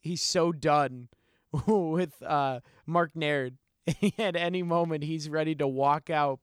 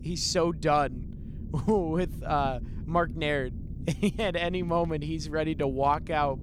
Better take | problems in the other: first | low rumble; faint; throughout; 20 dB below the speech

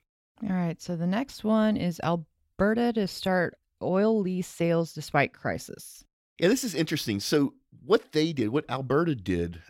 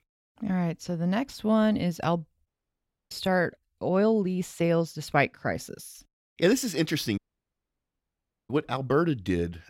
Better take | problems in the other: first | audio cutting out; at 2.5 s for 0.5 s and at 7 s for 1.5 s

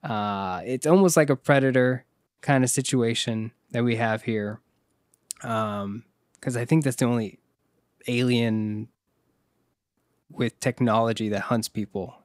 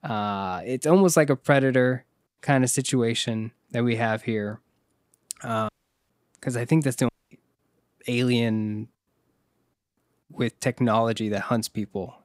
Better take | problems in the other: first | audio cutting out; at 5.5 s and at 7 s

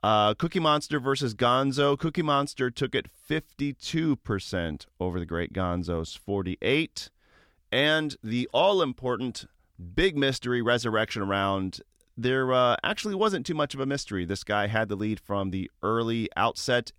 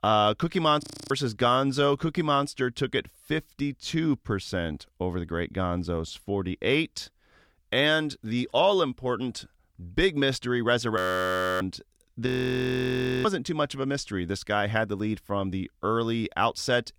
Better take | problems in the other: first | audio freezing; at 1 s, at 11 s for 0.5 s and at 12 s for 1 s

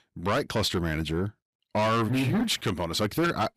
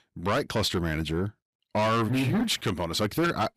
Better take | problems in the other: neither | distortion; heavy; 7 dB below the speech; the same in both

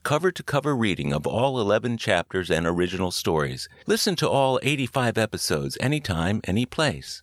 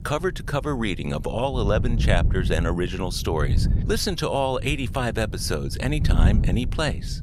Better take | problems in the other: first | wind noise on the microphone; occasional gusts; 15 dB below the speech

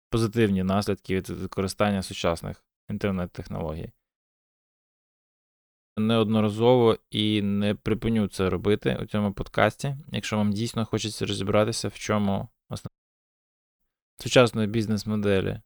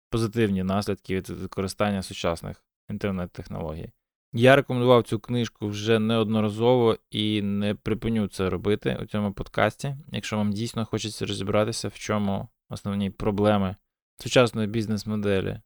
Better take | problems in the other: second | audio cutting out; at 4.5 s for 1.5 s and at 13 s for 1 s

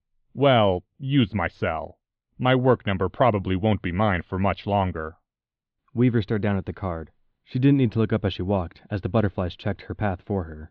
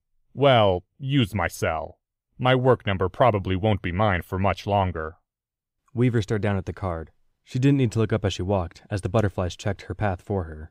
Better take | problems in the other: second | muffled; slightly; fading above 4 kHz

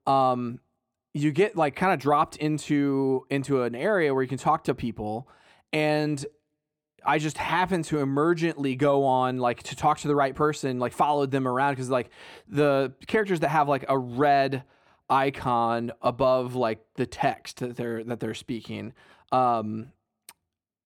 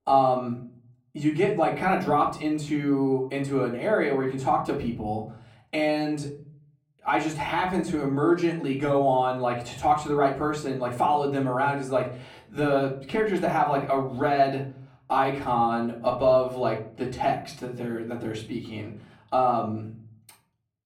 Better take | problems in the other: first | off-mic speech; far // room echo; slight; dies away in 0.5 s

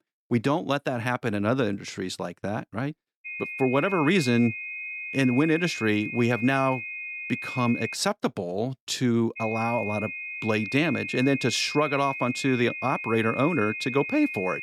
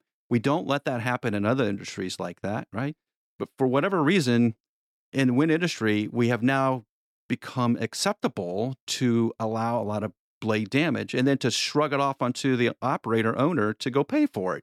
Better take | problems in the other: second | high-pitched whine; loud; from 3.5 to 8 s and from 9.5 s on; 2.5 kHz, 7 dB below the speech

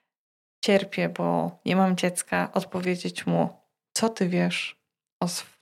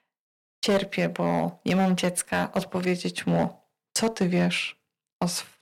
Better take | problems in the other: first | distortion; slight; 4% of the sound clipped

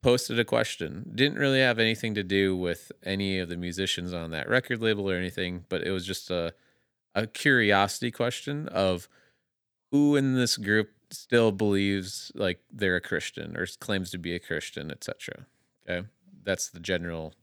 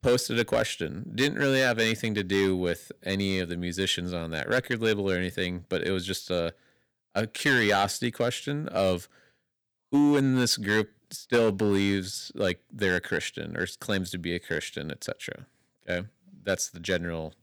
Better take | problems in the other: first | distortion; slight; 3% of the sound clipped

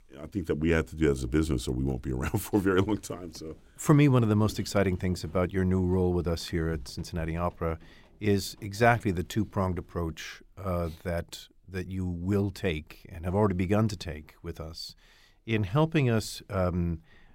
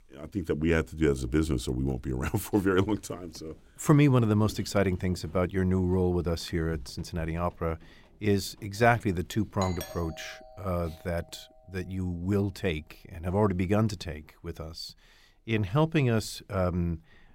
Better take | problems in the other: first | doorbell; faint; from 9.5 to 11 s; peak 10 dB below the speech

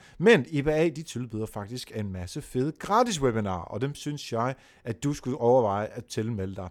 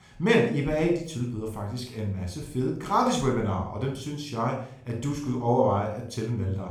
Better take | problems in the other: first | room echo; noticeable; dies away in 0.5 s // off-mic speech; somewhat distant

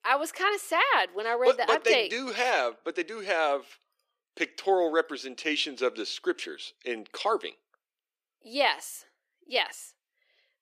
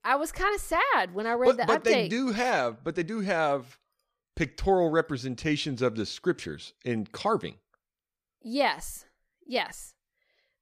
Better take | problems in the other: second | thin; somewhat; fading below 300 Hz

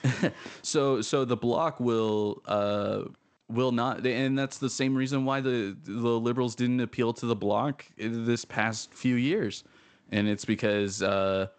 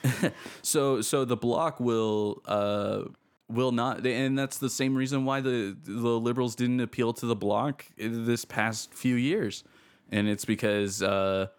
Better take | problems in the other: second | garbled, watery; slightly; nothing above 8 kHz

